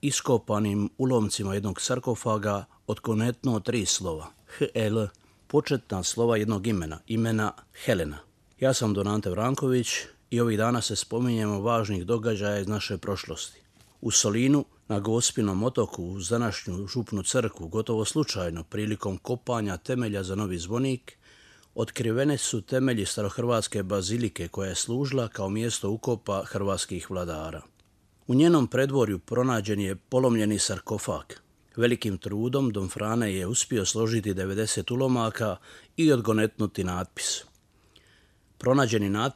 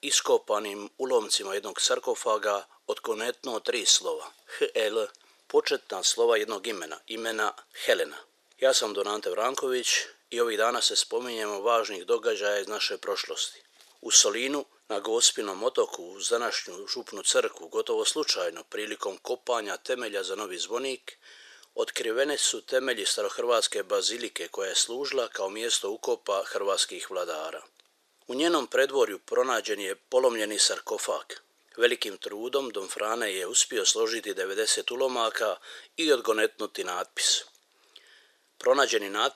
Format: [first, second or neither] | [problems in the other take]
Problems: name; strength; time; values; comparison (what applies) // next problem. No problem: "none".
first | thin; very; fading below 450 Hz